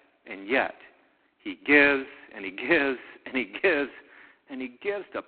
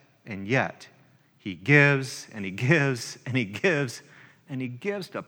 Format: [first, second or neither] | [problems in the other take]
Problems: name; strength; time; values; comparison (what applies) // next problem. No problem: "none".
second | phone-call audio; poor line; nothing above 4 kHz